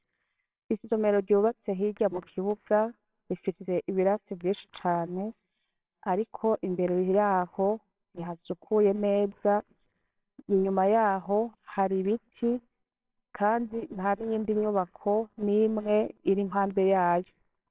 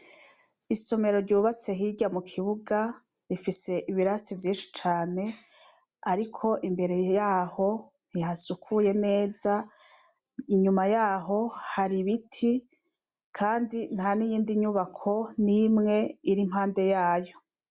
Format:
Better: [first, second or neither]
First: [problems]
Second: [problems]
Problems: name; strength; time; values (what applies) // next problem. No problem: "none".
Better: second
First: noise reduction (neural separator model SepFormer WHAMR!)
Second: none